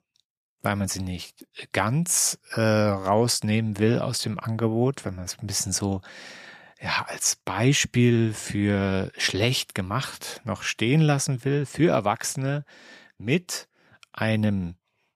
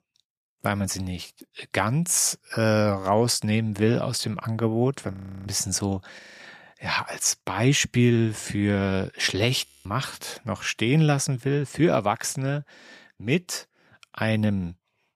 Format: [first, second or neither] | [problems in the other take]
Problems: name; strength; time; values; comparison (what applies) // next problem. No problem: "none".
first | audio freezing; at 5 s, at 6 s and at 9.5 s